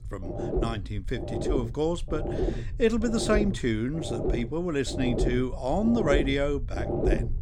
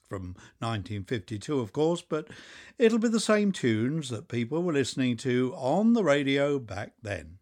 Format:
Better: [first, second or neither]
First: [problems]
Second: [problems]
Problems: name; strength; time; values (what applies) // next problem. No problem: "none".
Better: second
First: low rumble; loud; throughout; 4 dB below the speech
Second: none